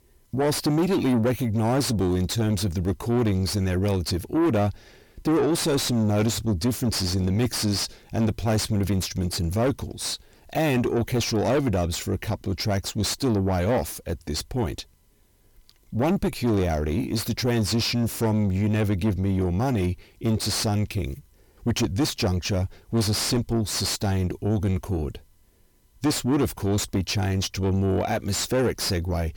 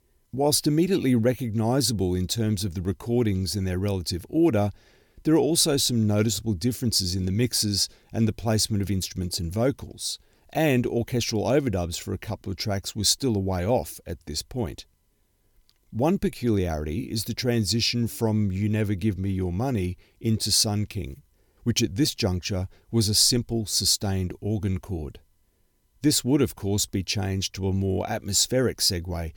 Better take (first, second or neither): second